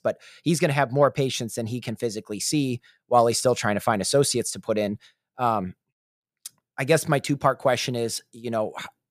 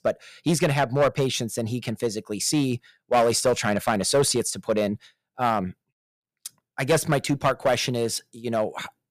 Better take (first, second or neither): first